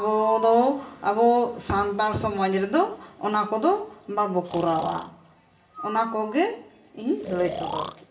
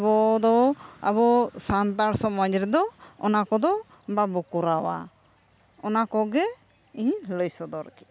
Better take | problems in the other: second | background sound (Breathing); 13 dB below the speech // room echo; dies away in 0.6 s

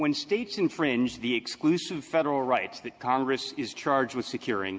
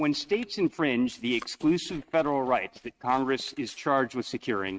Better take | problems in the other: first | noise reduction (neural mask model RNNoise)

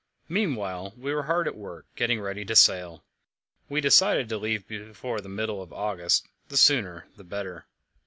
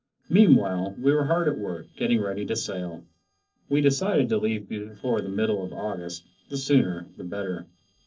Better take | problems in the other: first | noise reduction (neural separator model SepFormer DNS4)

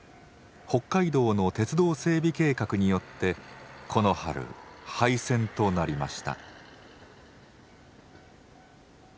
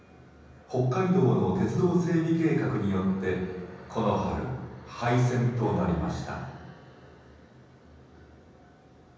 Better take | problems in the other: first | room echo; dies away in 1.1 s

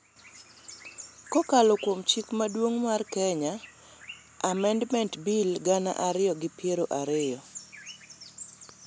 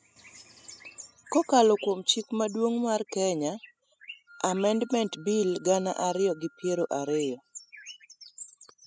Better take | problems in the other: first | noise reduction (classical method spectral subtraction)

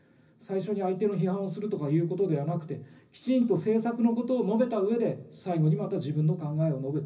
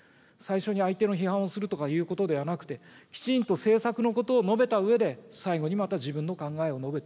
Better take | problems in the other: second | room echo; dies away in 0.4 s

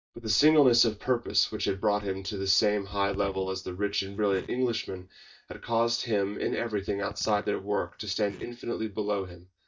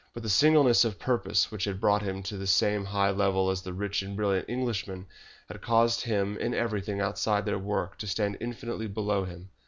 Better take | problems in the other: second | noise reduction (neural mask model DeepFilterNet 3)

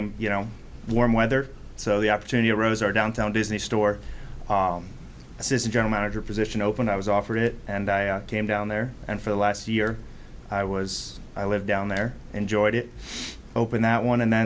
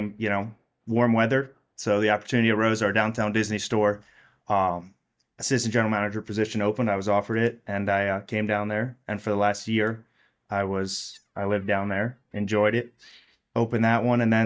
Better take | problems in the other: first | noise reduction (neural mask model DeepFilterNet 3)

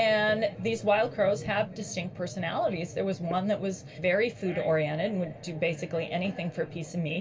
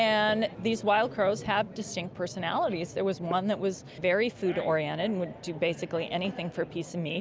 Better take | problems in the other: second | room echo; dies away in 0.2 s

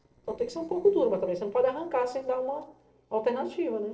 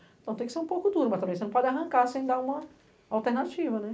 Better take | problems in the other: second | noise reduction (neural separator model SepFormer DNS4)

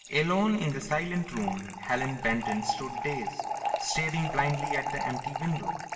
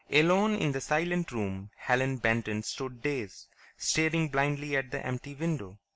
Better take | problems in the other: second | background sound (Fill (with liquid) / Trickle, dribble); 4 dB below the speech // room echo; dies away in 1.8 s

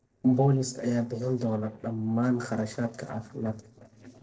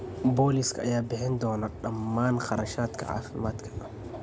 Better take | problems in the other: second | noise reduction (neural separator model SepFormer DNS4)

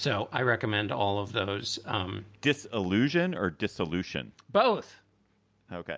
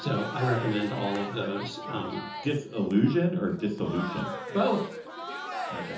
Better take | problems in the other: first | background sound (Crowd); 9 dB below the speech // room echo; dies away in 0.6 s

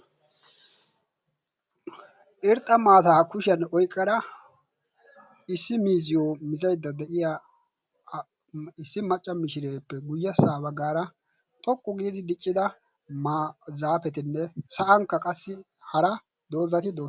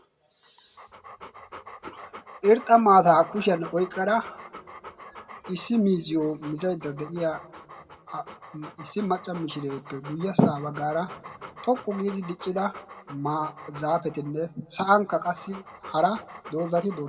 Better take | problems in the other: first | background sound (Dog); 18 dB below the speech // room echo; dies away in 1.1 s

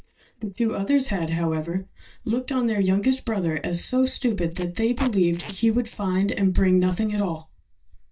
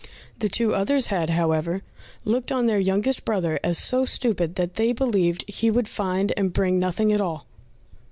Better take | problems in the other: second | noise reduction (neural mask model DeepFilterNet 3)

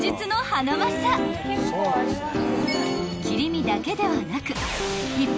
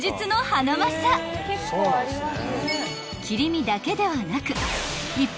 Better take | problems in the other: second | background sound (Piano); 2 dB below the speech

